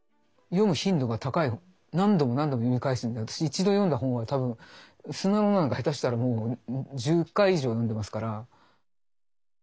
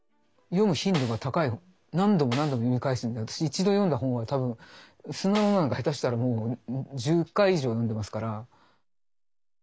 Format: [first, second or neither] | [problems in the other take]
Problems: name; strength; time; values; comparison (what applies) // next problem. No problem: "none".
first | background sound (Snare drum); 16 dB below the speech